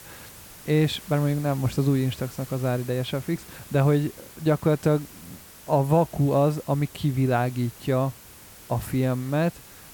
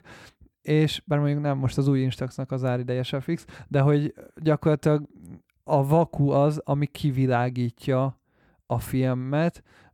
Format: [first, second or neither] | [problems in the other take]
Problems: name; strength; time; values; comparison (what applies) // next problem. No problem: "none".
second | hiss; noticeable; throughout; 20 dB below the speech